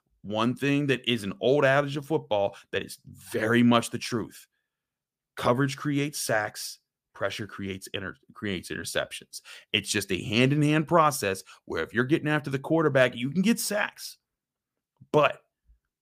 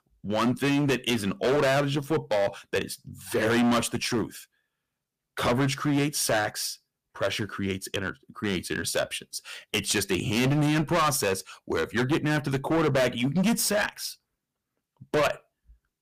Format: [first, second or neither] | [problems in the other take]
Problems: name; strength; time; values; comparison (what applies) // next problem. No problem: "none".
first | distortion; heavy; 12% of the sound clipped